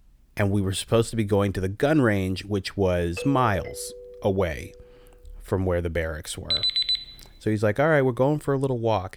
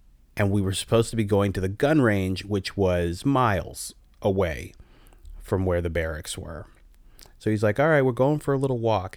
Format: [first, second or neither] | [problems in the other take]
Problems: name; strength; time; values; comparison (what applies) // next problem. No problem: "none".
second | doorbell; noticeable; from 3 to 5 s; peak 10 dB below the speech // alarm; loud; at 6.5 s; peak 4 dB above the speech